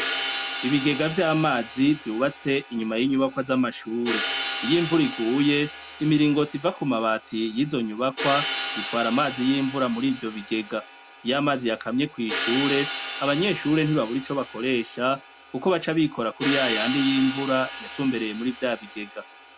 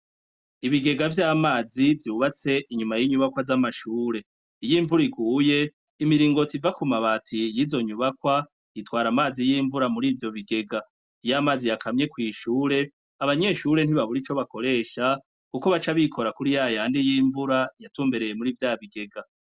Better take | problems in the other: second | background sound (Hi-hat); 9 dB below the speech

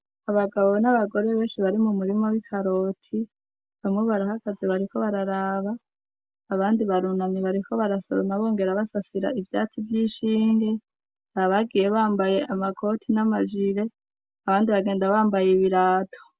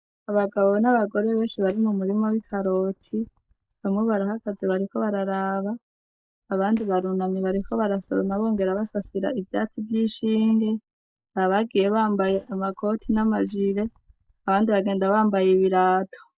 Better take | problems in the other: first | noise reduction (neural mask model DeepFilterNet 3)

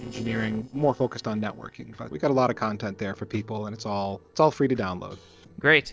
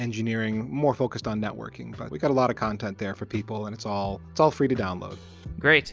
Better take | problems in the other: second | noise reduction (neural separator model SepFormer DNS4)

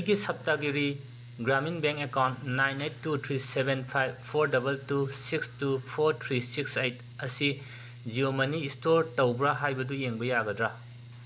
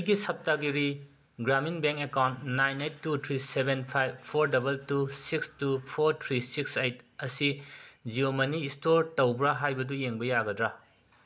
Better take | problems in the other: second | background sound (Mechanical fan); 16 dB below the speech

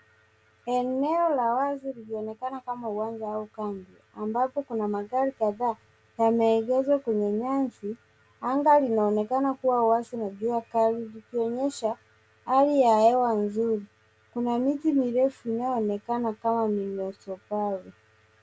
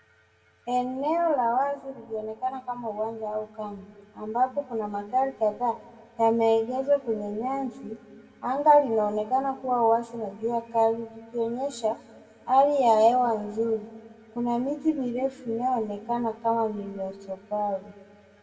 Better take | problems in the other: first | room echo; dies away in 1.3 s

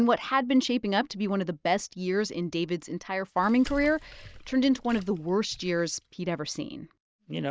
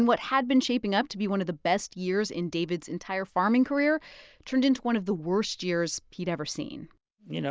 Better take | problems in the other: second | noise reduction (neural mask model DeepFilterNet 3)

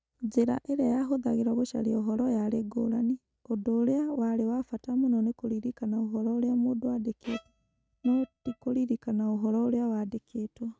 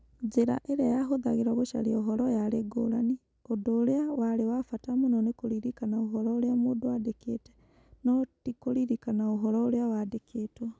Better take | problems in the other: second | noise reduction (neural mask model RNNoise)

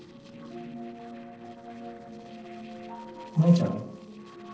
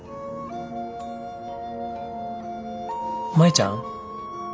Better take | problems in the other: second | noise reduction (neural separator model SepFormer DNS4)

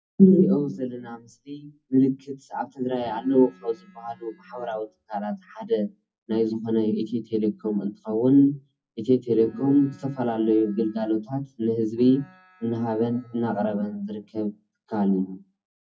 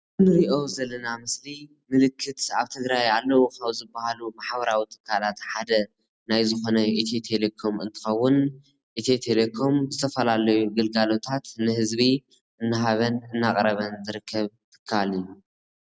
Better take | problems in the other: second | noise reduction (classical method WPE with log-MMSE)

